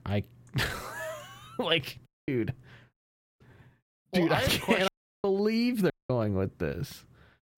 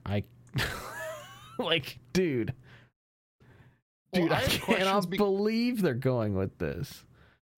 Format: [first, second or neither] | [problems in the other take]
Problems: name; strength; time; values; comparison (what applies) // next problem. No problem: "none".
second | audio cutting out; at 2 s, at 5 s and at 6 s